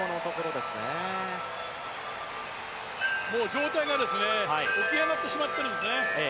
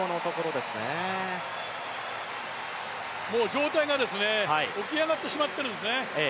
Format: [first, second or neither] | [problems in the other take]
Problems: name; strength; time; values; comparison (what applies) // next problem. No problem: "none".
second | background sound (Wind chime); 1 dB below the speech